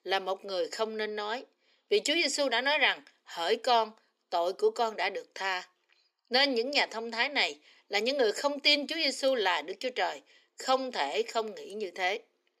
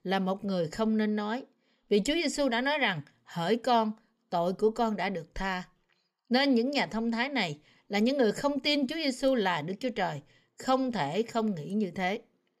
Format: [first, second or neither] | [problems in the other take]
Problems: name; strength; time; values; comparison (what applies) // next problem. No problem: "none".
second | thin; somewhat; fading below 300 Hz